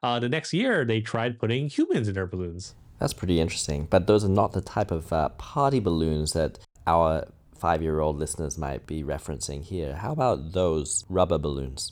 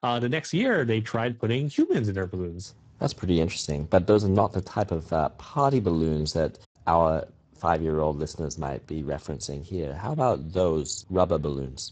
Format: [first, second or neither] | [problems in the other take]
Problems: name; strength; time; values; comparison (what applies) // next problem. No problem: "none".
first | garbled, watery; badly; nothing above 7.5 kHz